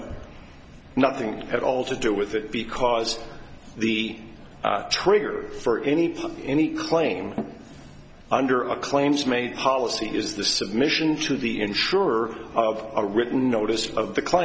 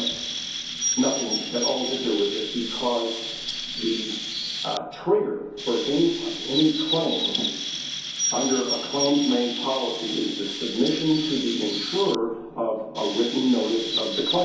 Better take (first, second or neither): first